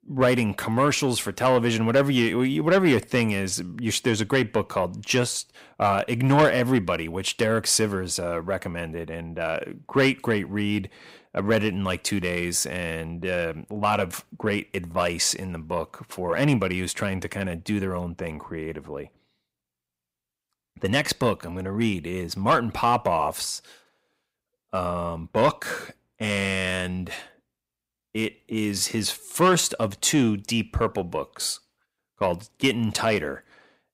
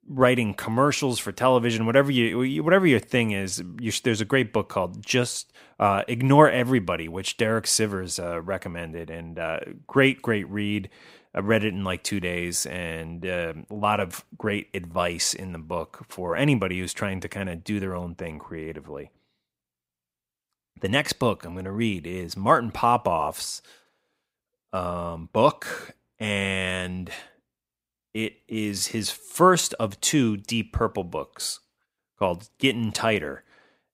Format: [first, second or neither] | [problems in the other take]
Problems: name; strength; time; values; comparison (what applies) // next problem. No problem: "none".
second | distortion; slight; 10 dB below the speech